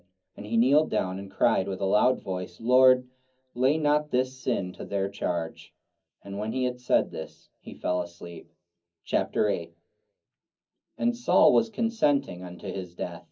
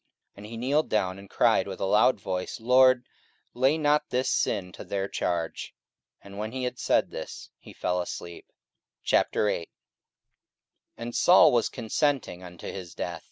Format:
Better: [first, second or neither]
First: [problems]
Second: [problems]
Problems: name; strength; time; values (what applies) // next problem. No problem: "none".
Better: second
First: room echo; dies away in 0.4 s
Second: none